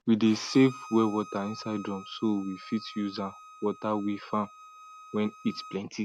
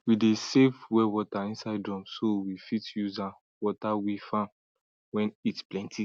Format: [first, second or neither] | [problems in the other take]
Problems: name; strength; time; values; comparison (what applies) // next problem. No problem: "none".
second | background sound (Bowed string instrument); 18 dB below the speech